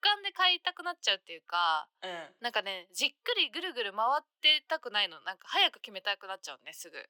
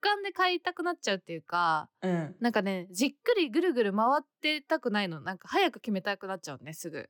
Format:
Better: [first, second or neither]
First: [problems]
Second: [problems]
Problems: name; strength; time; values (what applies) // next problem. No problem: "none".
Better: second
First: thin; very; fading below 800 Hz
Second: none